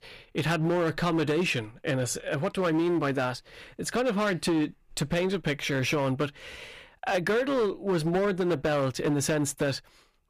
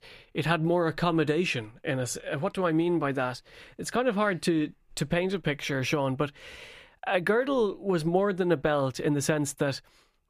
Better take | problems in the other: second | distortion; slight; 12% of the sound clipped

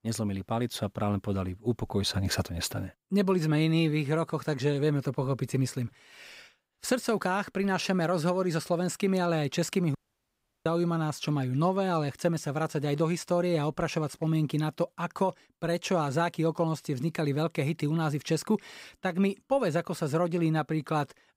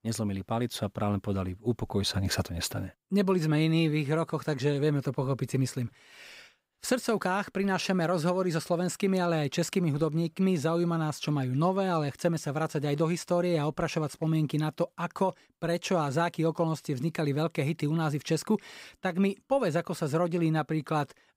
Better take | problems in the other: second | audio cutting out; at 10 s for 0.5 s

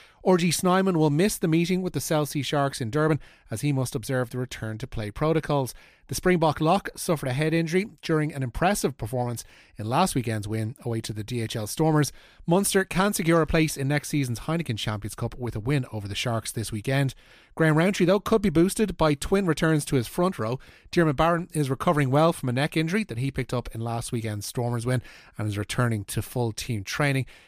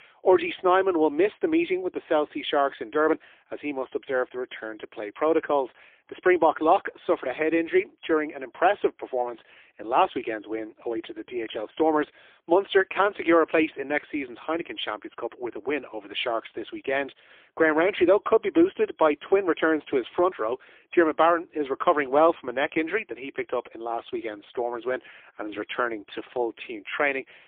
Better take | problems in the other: first | phone-call audio; poor line; nothing above 3.5 kHz

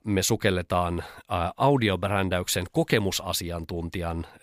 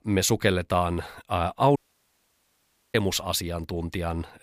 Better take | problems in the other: first | audio cutting out; at 2 s for 1 s

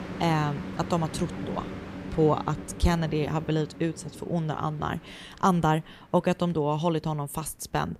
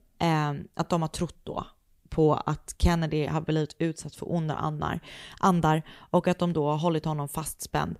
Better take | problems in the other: second | train or aircraft noise; noticeable; throughout; 10 dB below the speech

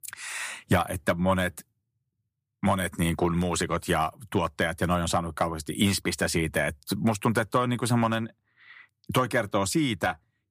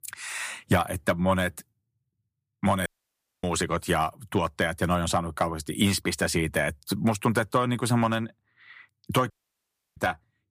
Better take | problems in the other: first | audio cutting out; at 3 s for 0.5 s and at 9.5 s for 0.5 s

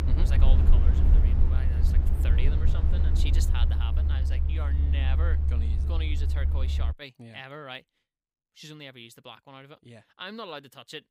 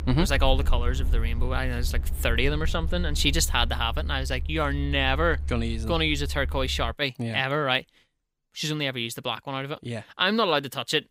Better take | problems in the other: second | low rumble; loud; until 7 s; 2 dB below the speech; faint in the second

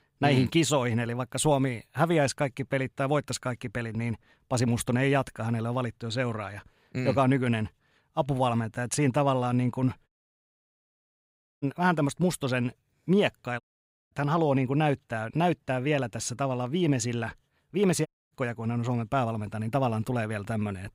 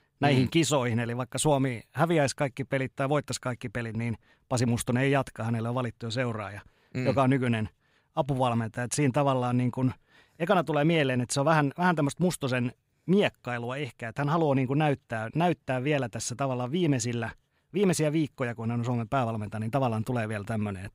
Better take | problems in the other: second | audio cutting out; at 10 s for 1.5 s, at 14 s for 0.5 s and at 18 s

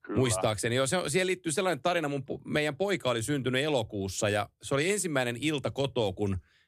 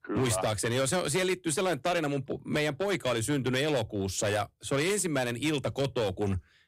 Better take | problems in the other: first | distortion; slight; 12% of the sound clipped

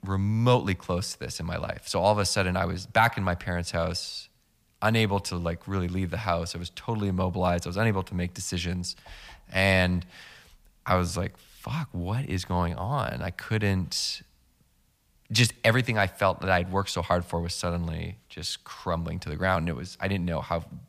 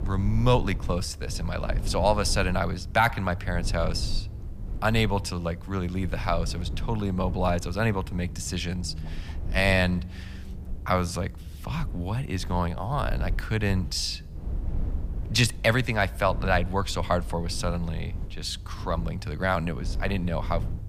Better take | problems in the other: first | low rumble; faint; throughout; 20 dB below the speech

